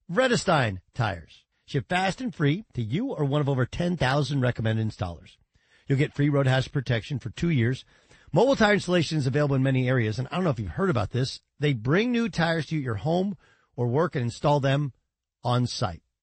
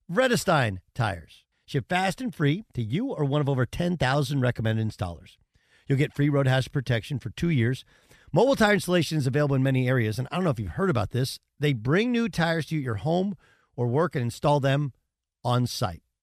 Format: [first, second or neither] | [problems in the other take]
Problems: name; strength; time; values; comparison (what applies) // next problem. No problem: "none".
second | garbled, watery; slightly; nothing above 8 kHz